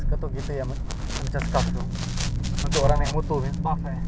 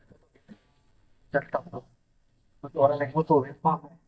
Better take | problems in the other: first | noise reduction (neural mask model DeepFilterNet 3)

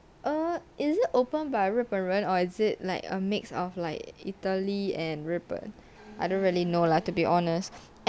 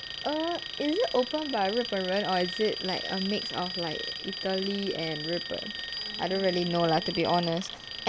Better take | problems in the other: first | background sound (Alarm); 7 dB below the speech

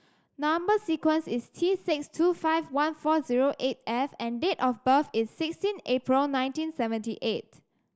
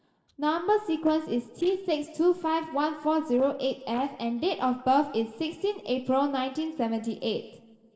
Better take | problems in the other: first | noise reduction (neural separator model SepFormer DNS4)

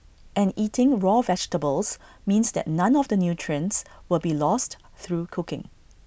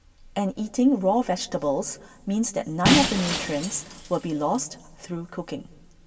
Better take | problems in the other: first | background sound (Shatter); 3 dB below the speech // room echo; dies away in 1.8 s

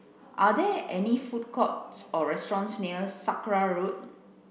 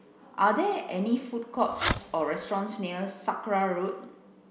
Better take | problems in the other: first | background sound (Fireworks); 4 dB below the speech

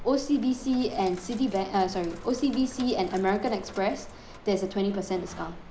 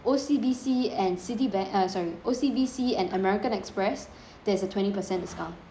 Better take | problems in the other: second | background sound (Sink (filling or washing)); 17 dB below the speech

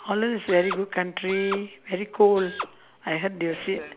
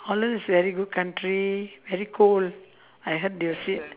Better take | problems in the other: second | background sound (Drill); 12 dB below the speech

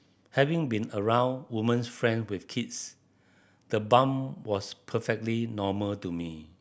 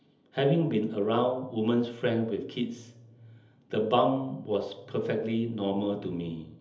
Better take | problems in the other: first | room echo; dies away in 1.2 s

